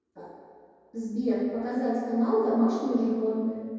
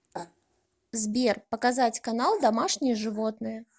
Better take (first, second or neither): second